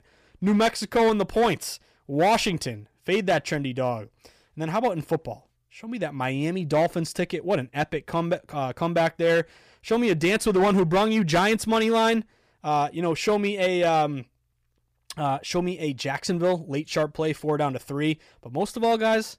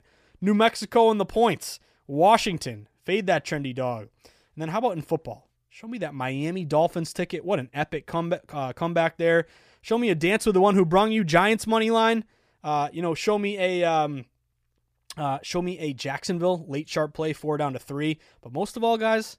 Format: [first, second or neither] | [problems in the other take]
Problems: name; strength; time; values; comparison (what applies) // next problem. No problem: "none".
second | distortion; slight; 5% of the sound clipped